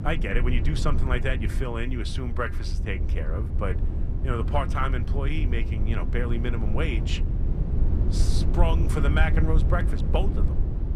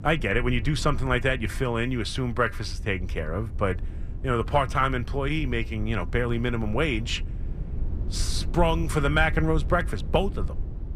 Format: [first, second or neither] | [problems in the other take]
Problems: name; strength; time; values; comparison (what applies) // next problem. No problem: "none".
second | low rumble; loud; throughout; 9 dB below the speech; faint in the second